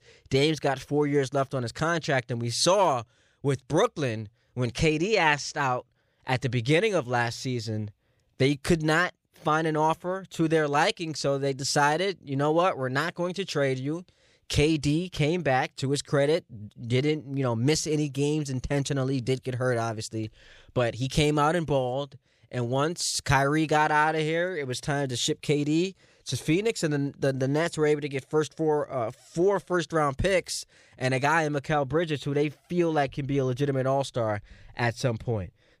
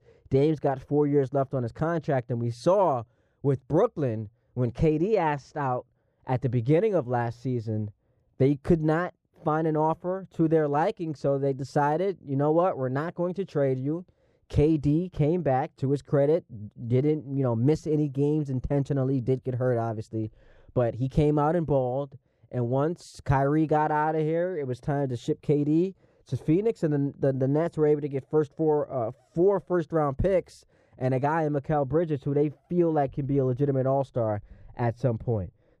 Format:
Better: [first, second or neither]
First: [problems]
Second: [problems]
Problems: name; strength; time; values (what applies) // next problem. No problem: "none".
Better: first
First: none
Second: muffled; very; fading above 1.5 kHz